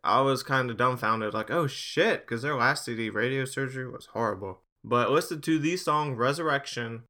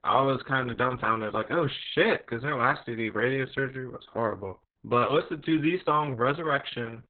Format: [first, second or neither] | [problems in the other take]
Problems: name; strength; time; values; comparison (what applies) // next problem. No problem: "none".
first | garbled, watery; badly; nothing above 3.5 kHz